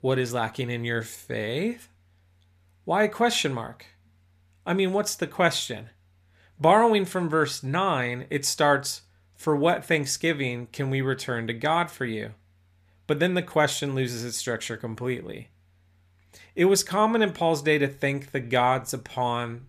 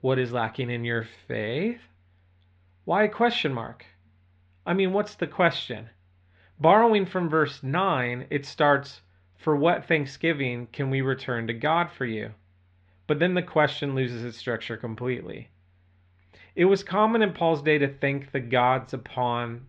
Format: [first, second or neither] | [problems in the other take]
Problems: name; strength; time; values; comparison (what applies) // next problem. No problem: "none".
first | muffled; slightly; fading above 3.5 kHz